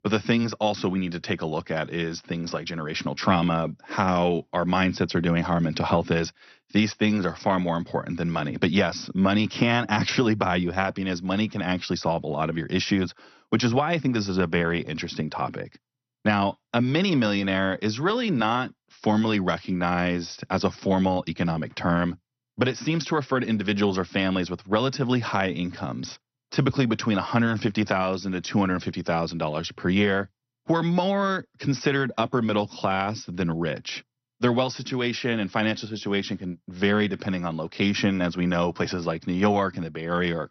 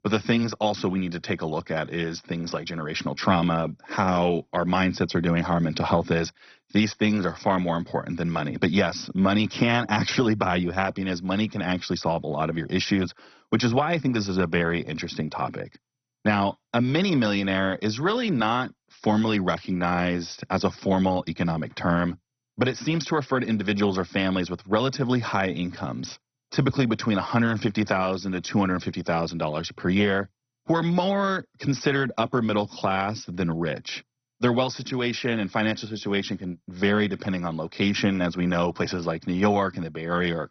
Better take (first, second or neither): first